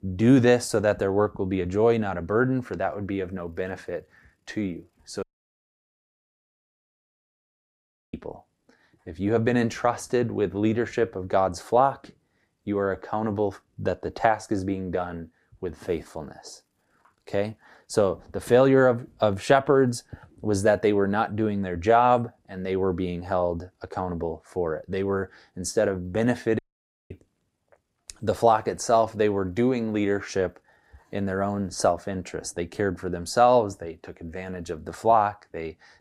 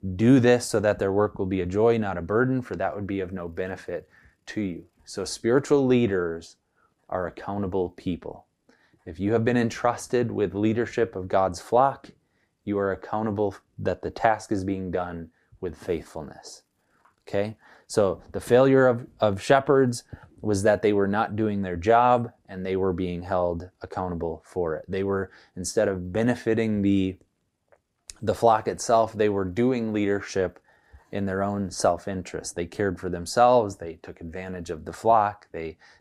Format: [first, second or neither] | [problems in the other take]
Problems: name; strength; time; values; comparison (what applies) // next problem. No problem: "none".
second | audio cutting out; at 5 s for 3 s and at 27 s for 0.5 s